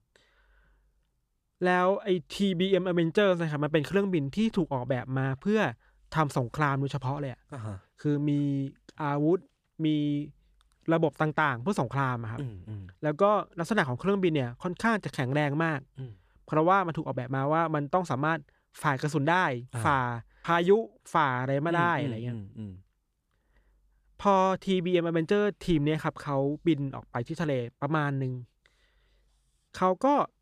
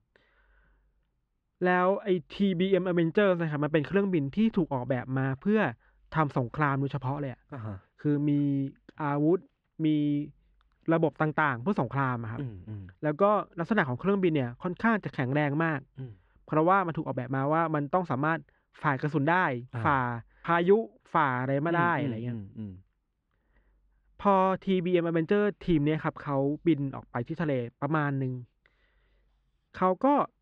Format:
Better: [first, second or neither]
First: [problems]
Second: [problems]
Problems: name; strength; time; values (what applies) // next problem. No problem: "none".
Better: first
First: none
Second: muffled; slightly; fading above 2.5 kHz